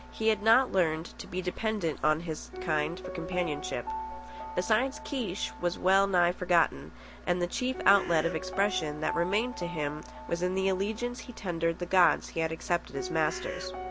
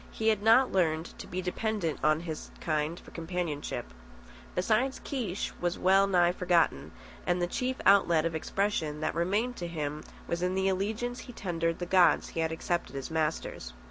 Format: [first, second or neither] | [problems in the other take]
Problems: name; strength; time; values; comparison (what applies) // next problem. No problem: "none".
second | background sound (Piano + Bird); 12 dB below the speech